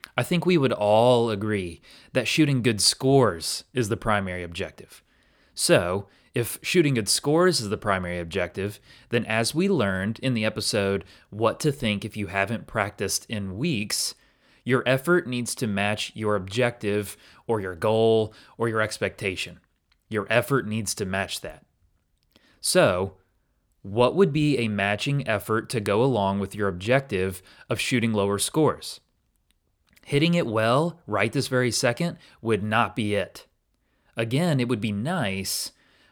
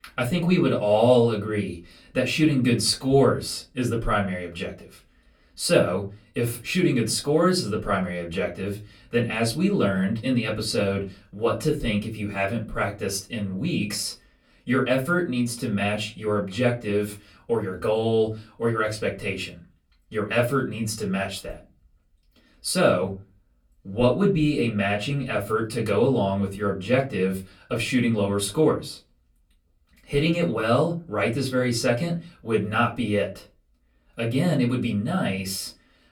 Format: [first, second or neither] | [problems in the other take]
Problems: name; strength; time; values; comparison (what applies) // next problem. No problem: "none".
first | off-mic speech; far // room echo; very slight; dies away in 0.3 s